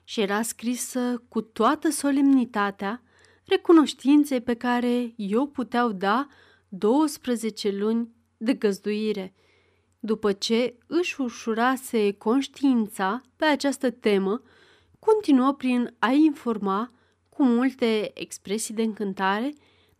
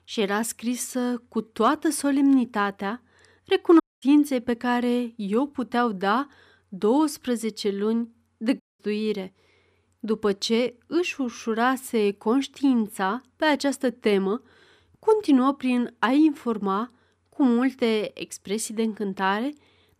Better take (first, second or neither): first